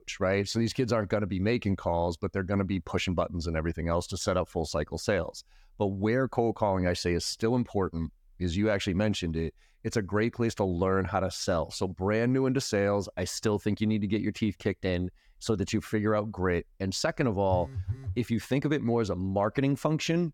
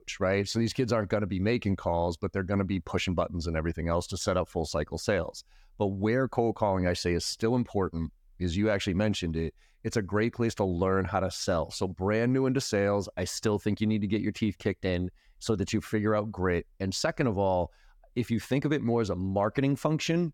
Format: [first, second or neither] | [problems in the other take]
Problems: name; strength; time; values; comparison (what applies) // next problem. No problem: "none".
second | phone ringing; noticeable; at 18 s; peak 6 dB below the speech